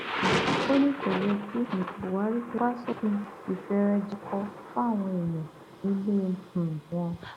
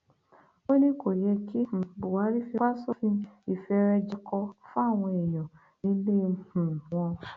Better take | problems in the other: second | background sound (Thunder); 6 dB below the speech

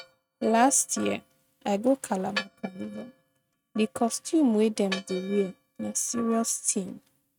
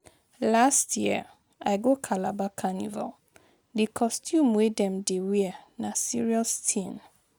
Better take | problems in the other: second | noise reduction (neural mask model RNNoise)

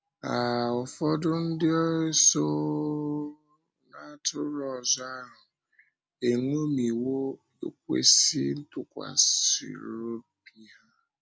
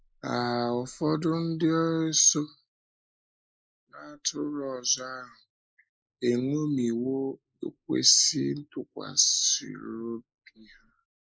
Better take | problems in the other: first | noise reduction (neural mask model Resemble Enhance denoiser)

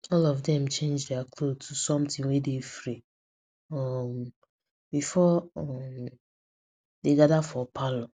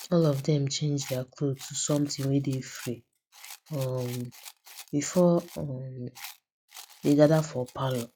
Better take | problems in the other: first | noise reduction (classical method log-MMSE)

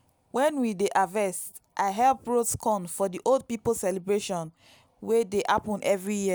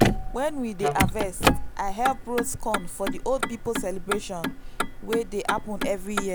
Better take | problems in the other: first | background sound (Wind instrument, woodwind instrument + Motor vehicle (road)); 2 dB above the speech

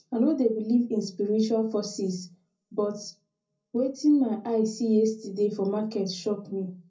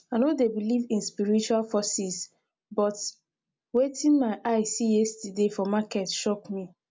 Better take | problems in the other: second | room echo; dies away in 0.4 s

